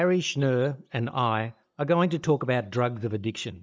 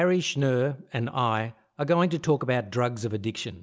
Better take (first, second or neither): second